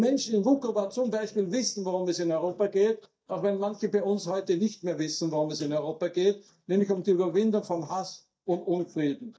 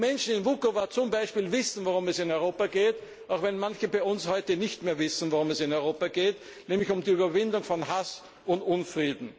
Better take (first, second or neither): second